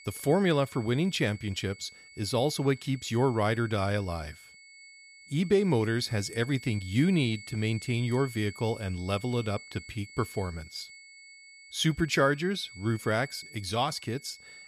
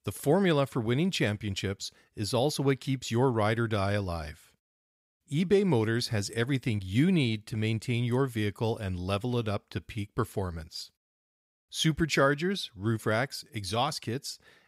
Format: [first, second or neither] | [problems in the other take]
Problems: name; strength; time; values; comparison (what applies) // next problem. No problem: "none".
second | high-pitched whine; noticeable; throughout; 2 kHz, 20 dB below the speech